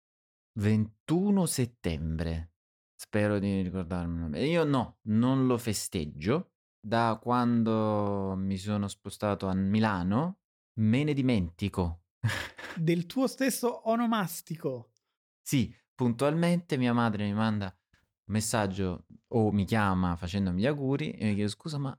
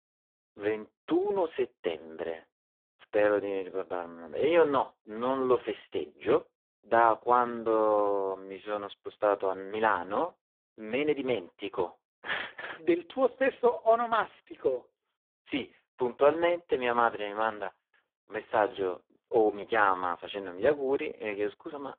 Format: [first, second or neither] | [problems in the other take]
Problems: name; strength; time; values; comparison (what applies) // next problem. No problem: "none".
first | phone-call audio; poor line